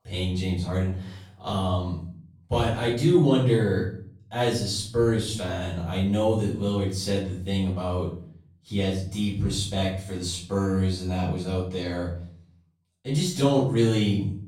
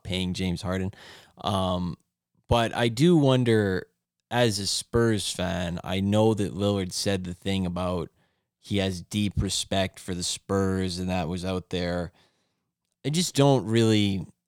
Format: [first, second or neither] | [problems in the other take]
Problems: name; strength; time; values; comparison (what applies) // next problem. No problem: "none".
second | off-mic speech; far // room echo; noticeable; dies away in 0.6 s